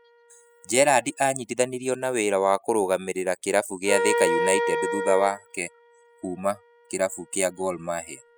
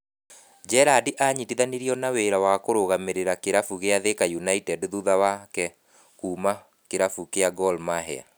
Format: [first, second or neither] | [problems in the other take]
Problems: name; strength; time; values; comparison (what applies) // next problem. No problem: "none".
second | noise reduction (classical method spectral subtraction)